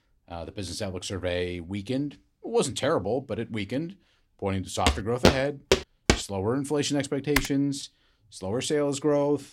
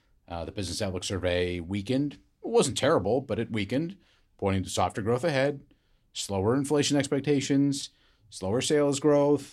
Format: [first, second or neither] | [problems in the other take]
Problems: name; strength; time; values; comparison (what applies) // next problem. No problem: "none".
second | footsteps; loud; from 5 to 6 s; peak 5 dB above the speech // keyboard typing; noticeable; at 7.5 s; peak level with the speech